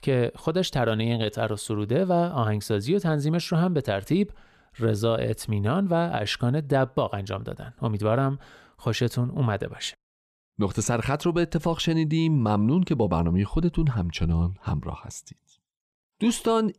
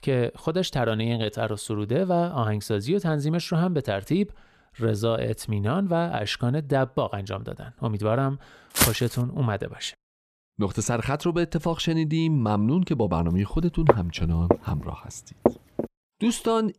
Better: first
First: none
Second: footsteps; loud; at 9 s and from 14 to 16 s; peak 4 dB above the speech

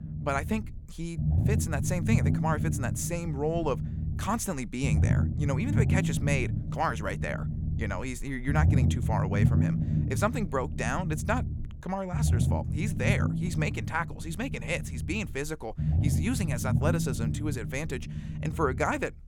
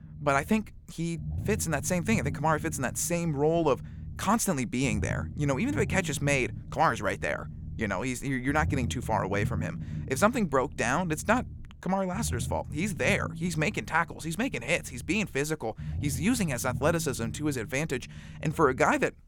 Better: second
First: low rumble; loud; throughout; 8 dB below the speech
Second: low rumble; faint; throughout; 20 dB below the speech

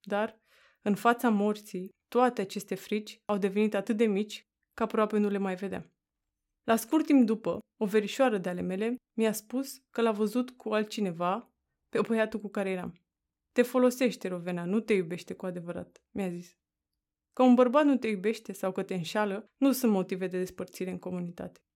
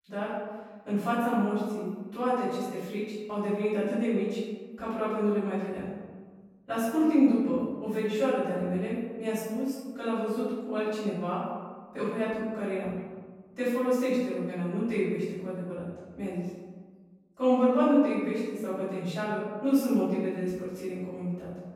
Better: first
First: none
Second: room echo; strong; dies away in 1.3 s // off-mic speech; far

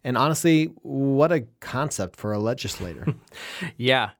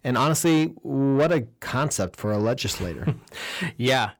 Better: first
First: none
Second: distortion; slight; 10 dB below the speech

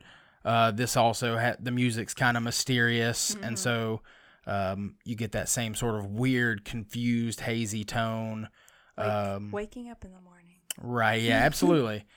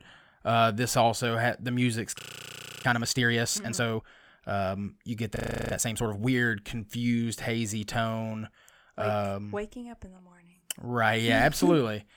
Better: first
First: none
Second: audio freezing; at 2 s for 0.5 s and at 5.5 s

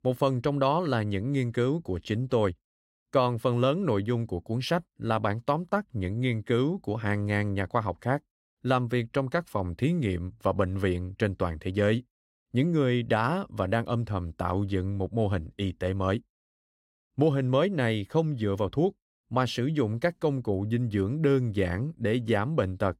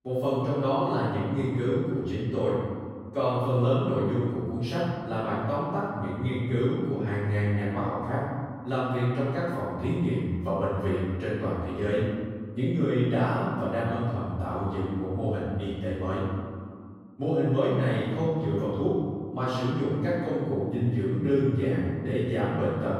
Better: first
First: none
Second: room echo; strong; dies away in 1.9 s // off-mic speech; far

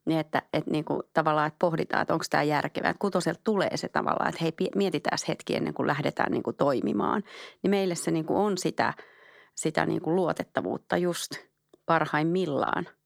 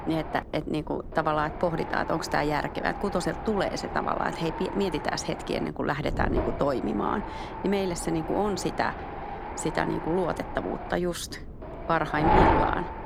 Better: first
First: none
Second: wind noise on the microphone; heavy; 3 dB below the speech

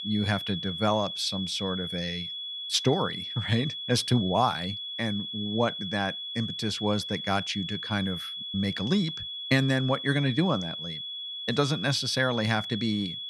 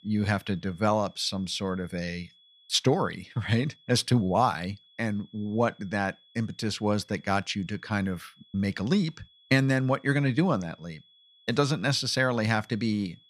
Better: second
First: high-pitched whine; loud; throughout; 3.5 kHz, 5 dB below the speech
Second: high-pitched whine; faint; throughout; 3.5 kHz, 30 dB below the speech

